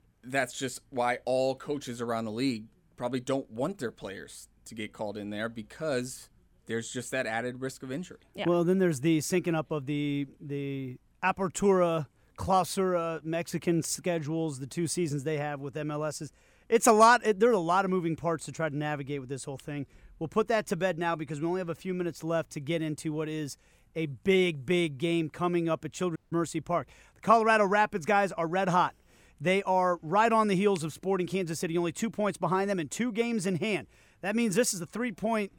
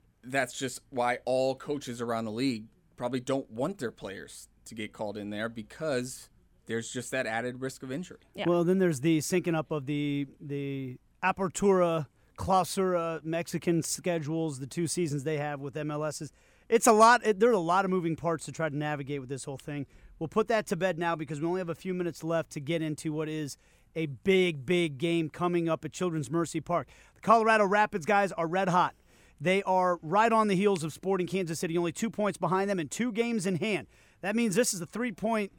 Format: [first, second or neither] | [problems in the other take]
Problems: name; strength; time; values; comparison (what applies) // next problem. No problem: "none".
second | audio cutting out; at 26 s